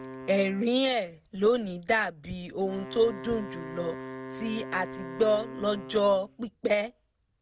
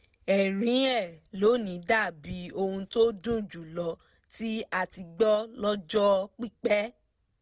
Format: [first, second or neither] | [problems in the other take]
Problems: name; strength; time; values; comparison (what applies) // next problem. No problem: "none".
second | background sound (Wind instrument, woodwind instrument); 14 dB below the speech